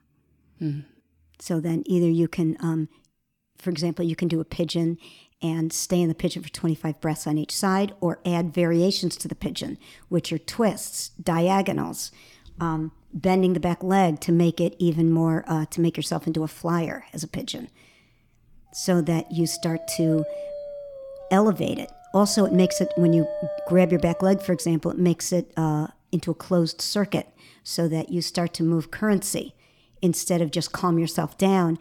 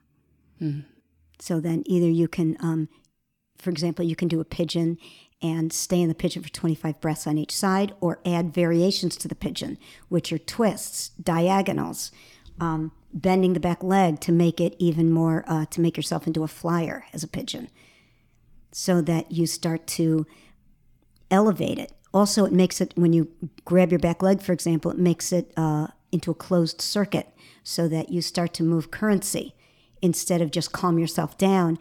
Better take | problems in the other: second | dog barking; noticeable; from 19 to 25 s; peak 5 dB below the speech

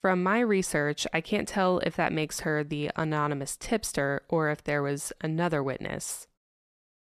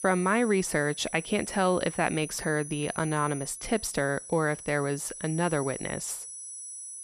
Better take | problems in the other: first | high-pitched whine; noticeable; throughout; 10 kHz, 10 dB below the speech

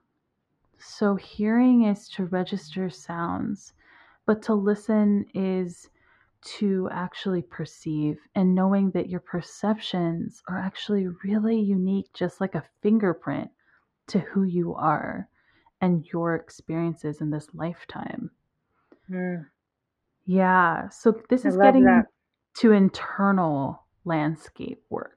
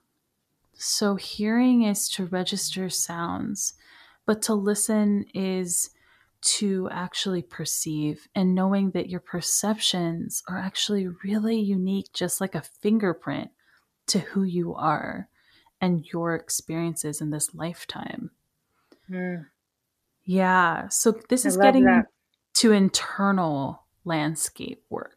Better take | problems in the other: second | muffled; very; fading above 2 kHz

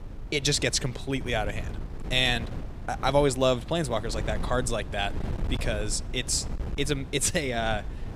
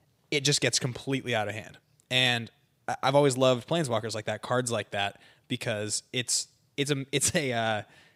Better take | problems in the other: second | wind noise on the microphone; occasional gusts; 15 dB below the speech

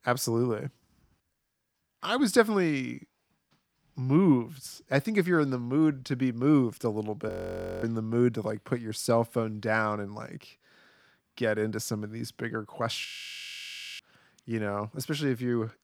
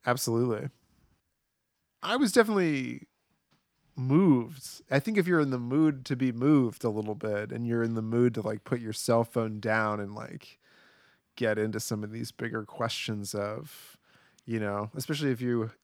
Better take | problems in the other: second | audio freezing; at 7.5 s for 0.5 s and at 13 s for 1 s

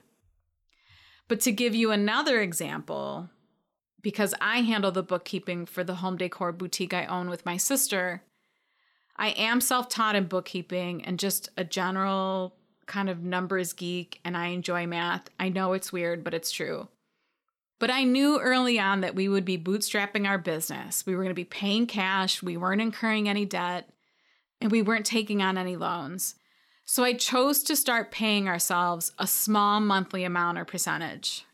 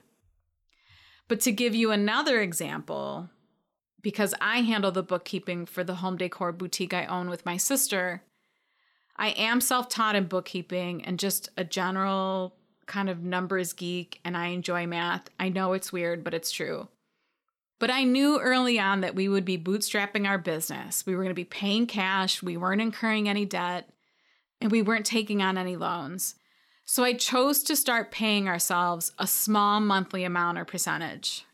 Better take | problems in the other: neither | none

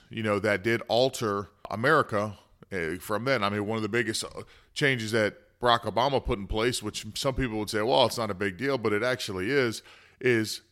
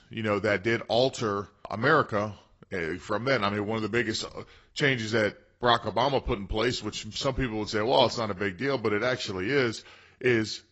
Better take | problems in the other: first | garbled, watery; badly; nothing above 7.5 kHz

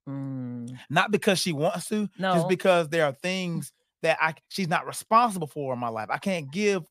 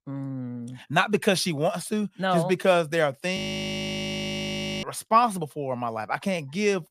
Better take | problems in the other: first | audio freezing; at 3.5 s for 1.5 s

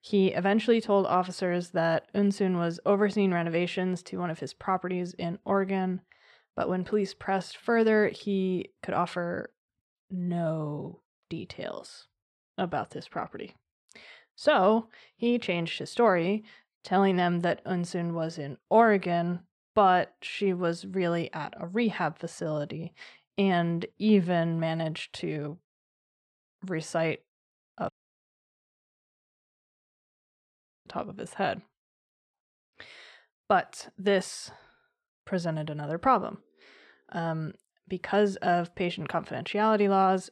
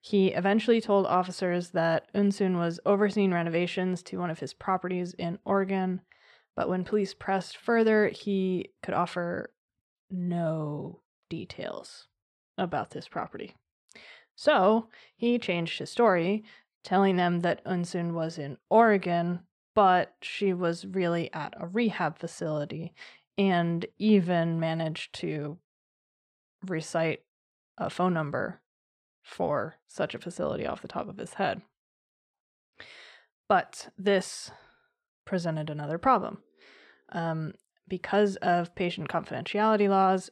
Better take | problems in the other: second | audio cutting out; at 28 s for 3 s

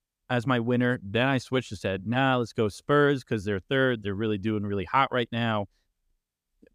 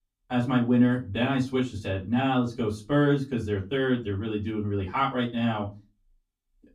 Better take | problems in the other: first | off-mic speech; far // room echo; very slight; dies away in 0.2 s

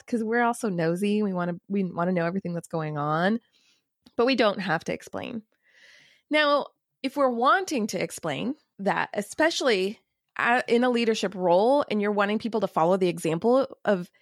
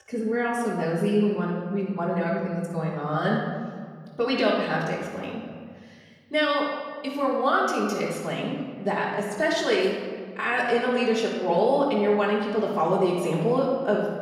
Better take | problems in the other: first | room echo; noticeable; dies away in 1.7 s // off-mic speech; far

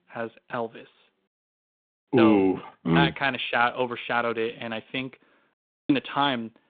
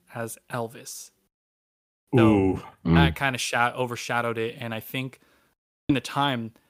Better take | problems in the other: second | phone-call audio

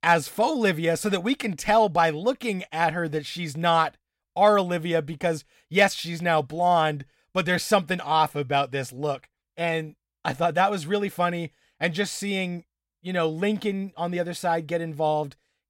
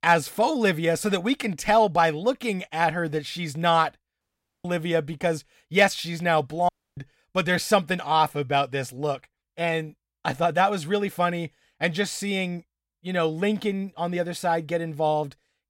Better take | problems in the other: first | audio cutting out; at 4 s and at 6.5 s

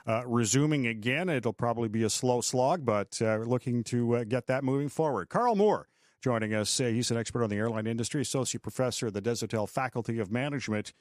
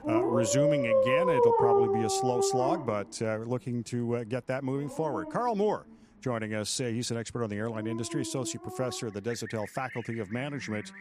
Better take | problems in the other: first | animal sounds; very loud; throughout; 4 dB above the speech

